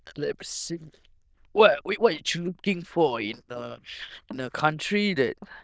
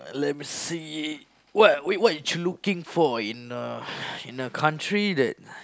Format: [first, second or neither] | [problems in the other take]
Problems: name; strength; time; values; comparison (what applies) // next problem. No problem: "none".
second | noise reduction (neural diffusion model UNIVERSE++)